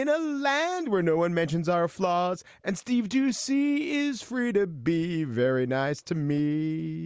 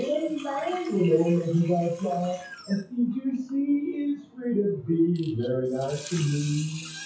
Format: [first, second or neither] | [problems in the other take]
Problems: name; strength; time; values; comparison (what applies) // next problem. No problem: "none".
first | noise reduction (classical method WPE with log-MMSE)